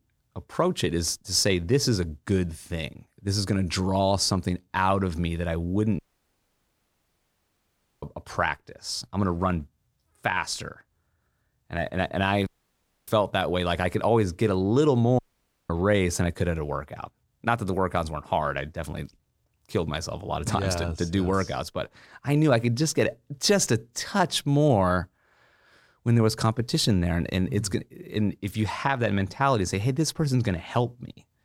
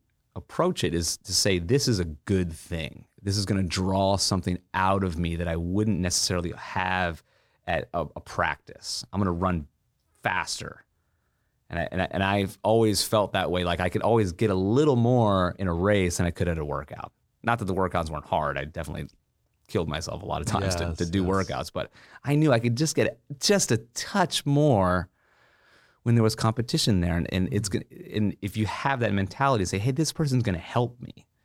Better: second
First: audio cutting out; at 6 s for 2 s, at 12 s for 0.5 s and at 15 s for 0.5 s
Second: none

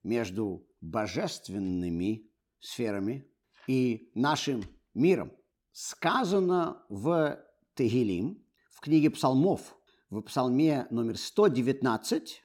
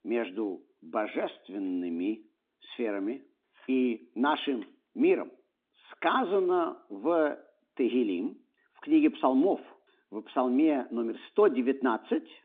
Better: first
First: none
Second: phone-call audio

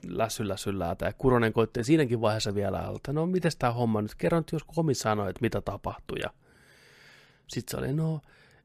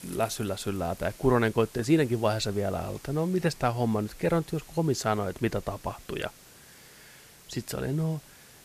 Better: first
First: none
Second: hiss; faint; throughout; 20 dB below the speech

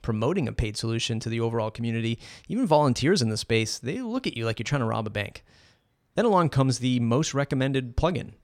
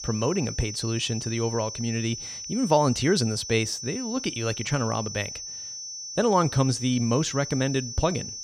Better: first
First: none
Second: high-pitched whine; loud; throughout; 6 kHz, 8 dB below the speech

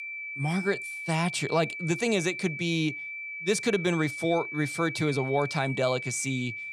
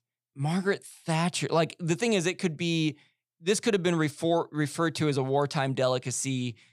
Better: second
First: high-pitched whine; loud; throughout; 2.5 kHz, 6 dB below the speech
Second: none

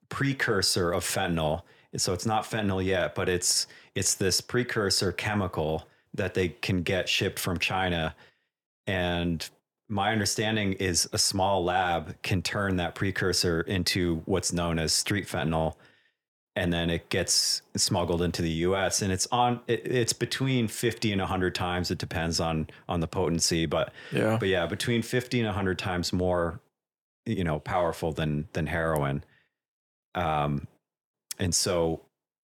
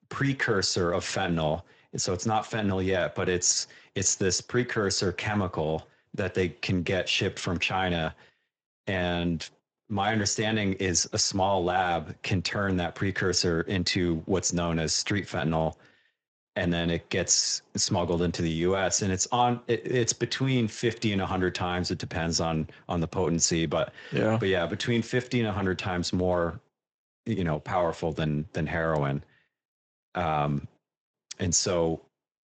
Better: first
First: none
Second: garbled, watery; slightly; nothing above 7.5 kHz

